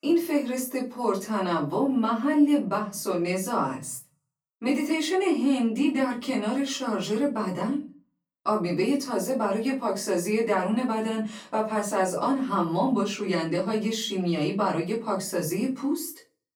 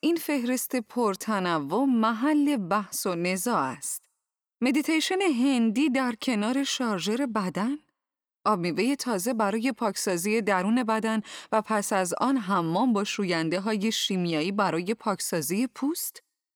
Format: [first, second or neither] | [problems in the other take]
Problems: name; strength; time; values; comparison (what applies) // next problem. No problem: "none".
second | room echo; slight; dies away in 0.3 s // off-mic speech; far